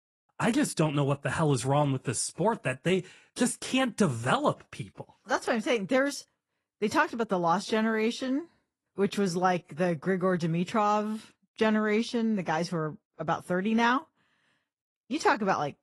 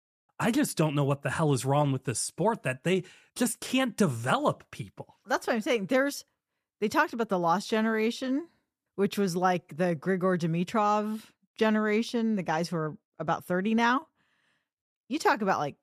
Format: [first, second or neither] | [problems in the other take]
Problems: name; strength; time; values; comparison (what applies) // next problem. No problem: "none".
second | garbled, watery; slightly